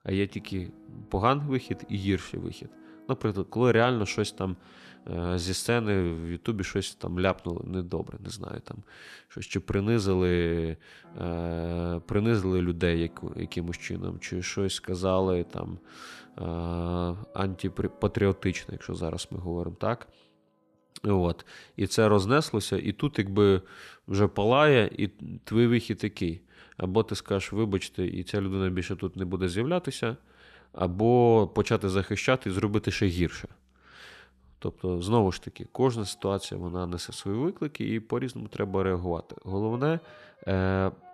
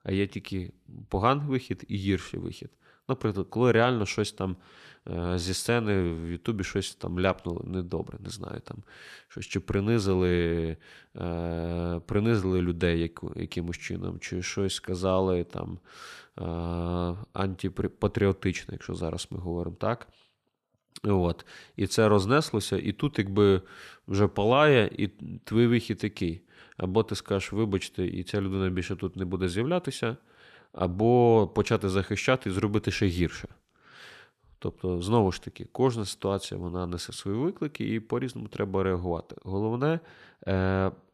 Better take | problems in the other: second | background music; faint; throughout; 30 dB below the speech

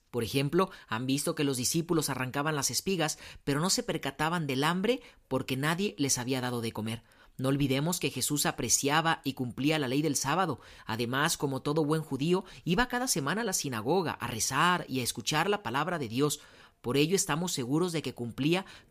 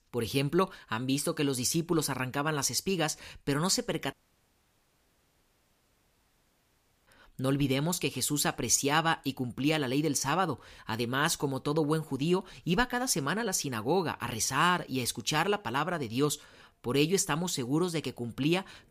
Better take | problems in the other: first | audio cutting out; at 4 s for 3 s

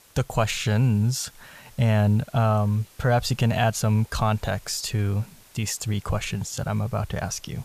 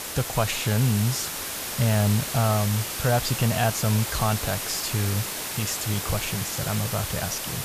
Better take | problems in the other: first | hiss; loud; throughout; 3 dB below the speech; faint in the first

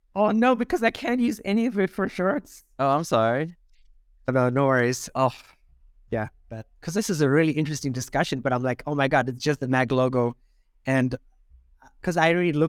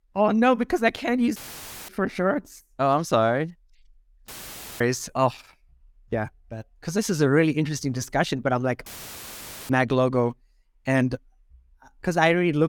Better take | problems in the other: first | audio cutting out; filled with static; at 1.5 s for 0.5 s, at 4.5 s for 0.5 s and at 9 s for 1 s

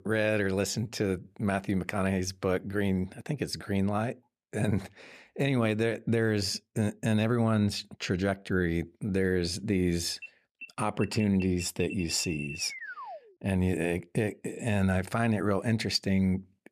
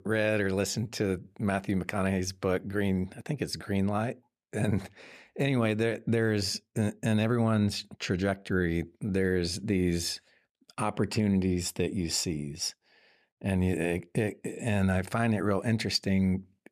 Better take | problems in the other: second | alarm; noticeable; from 10 to 13 s; peak 9 dB below the speech

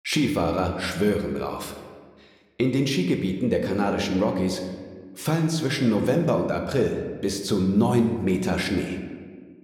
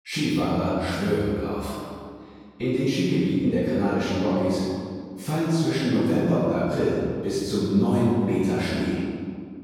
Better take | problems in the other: first | room echo; strong; dies away in 1.9 s; slight in the first // off-mic speech; far

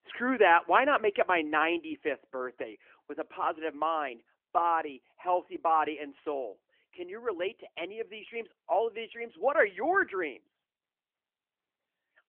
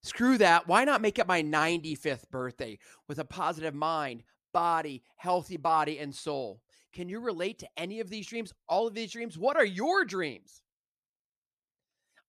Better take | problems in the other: second | phone-call audio; nothing above 3 kHz

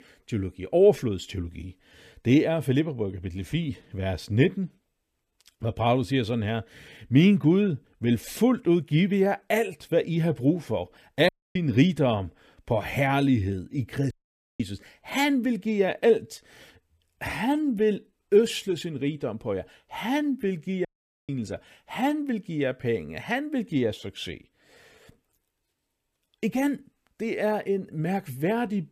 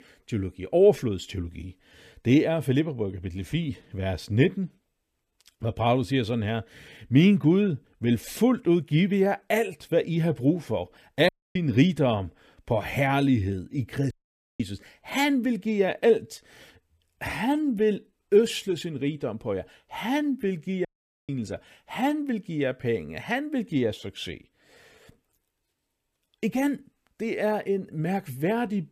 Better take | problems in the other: neither | audio cutting out; at 11 s, at 14 s and at 21 s; the same in both

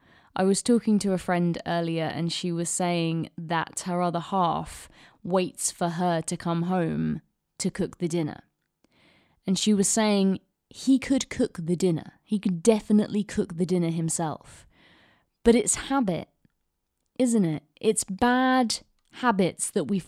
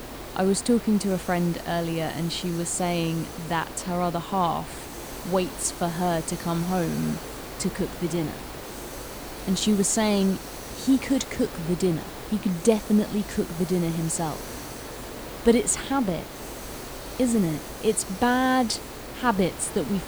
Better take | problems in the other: first | hiss; noticeable; throughout; 10 dB below the speech

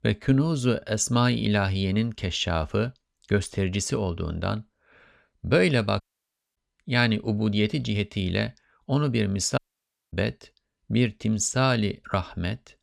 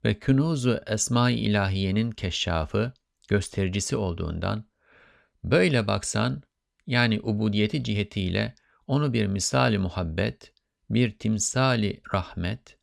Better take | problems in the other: second | audio cutting out; at 6 s for 0.5 s and at 9.5 s for 0.5 s

